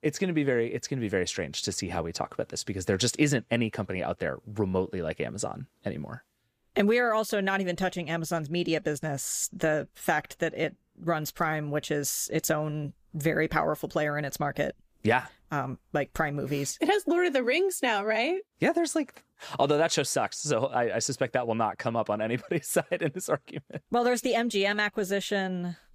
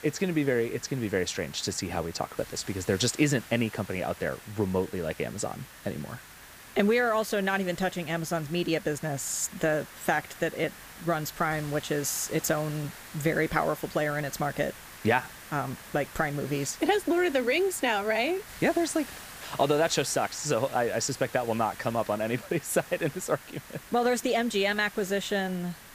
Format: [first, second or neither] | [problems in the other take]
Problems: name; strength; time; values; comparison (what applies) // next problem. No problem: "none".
first | hiss; noticeable; throughout; 15 dB below the speech